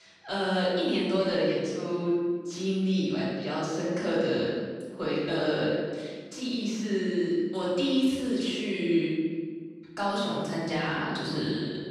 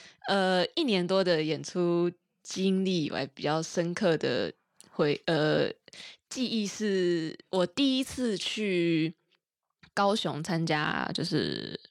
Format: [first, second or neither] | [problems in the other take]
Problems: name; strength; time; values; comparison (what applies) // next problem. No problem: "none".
second | off-mic speech; far // room echo; strong; dies away in 1.4 s